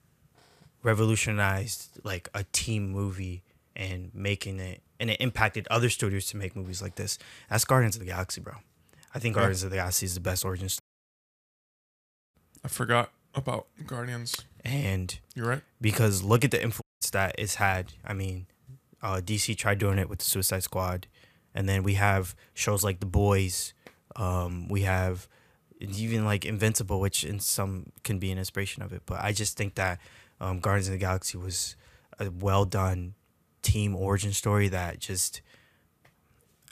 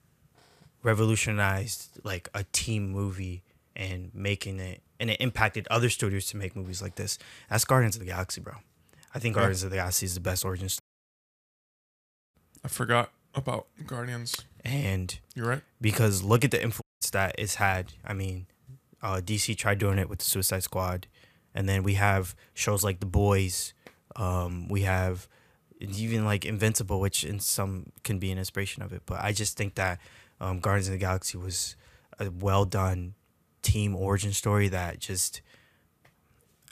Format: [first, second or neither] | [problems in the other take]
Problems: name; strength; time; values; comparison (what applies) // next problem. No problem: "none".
neither | audio cutting out; at 11 s for 1.5 s and at 17 s; the same in both